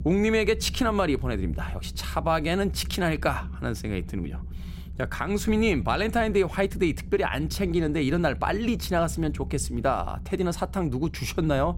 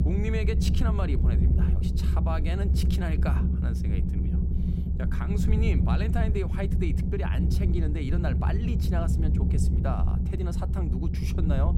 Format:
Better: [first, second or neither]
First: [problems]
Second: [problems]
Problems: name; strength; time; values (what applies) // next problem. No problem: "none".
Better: first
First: low rumble; faint; throughout; 25 dB below the speech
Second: low rumble; loud; throughout; 2 dB below the speech